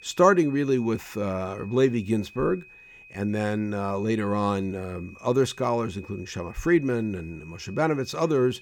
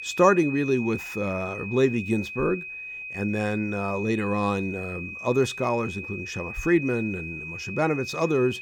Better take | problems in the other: first | high-pitched whine; loud; throughout; 2.5 kHz, 8 dB below the speech; faint in the first

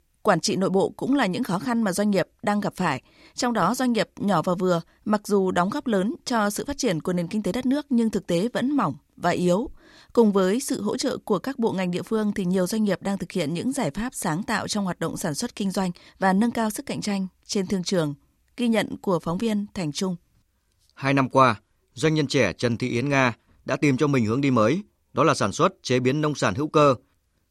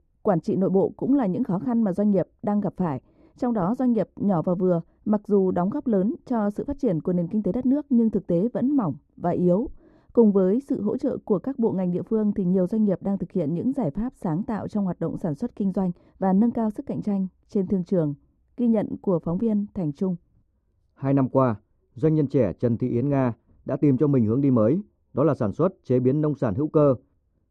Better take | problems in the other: first | muffled; very; fading above 1.5 kHz

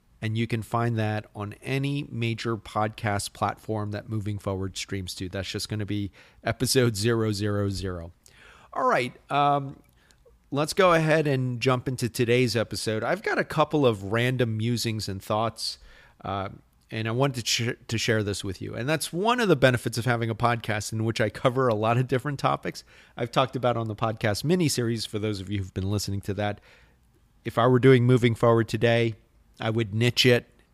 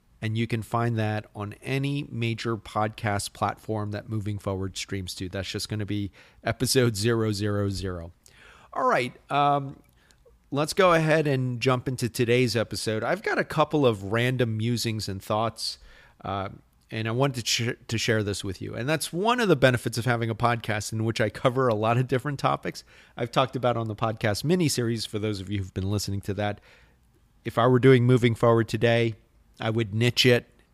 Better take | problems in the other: neither | none

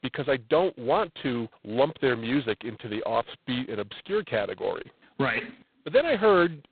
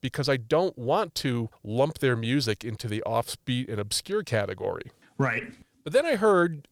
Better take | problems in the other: second | phone-call audio; poor line; nothing above 4 kHz

